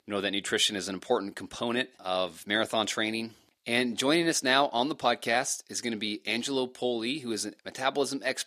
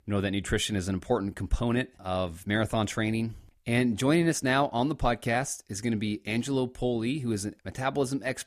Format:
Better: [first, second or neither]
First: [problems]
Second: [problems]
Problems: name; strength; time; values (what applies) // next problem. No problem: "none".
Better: second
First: thin; very slightly; fading below 300 Hz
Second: none